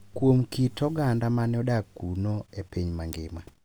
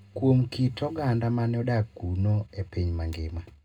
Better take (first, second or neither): first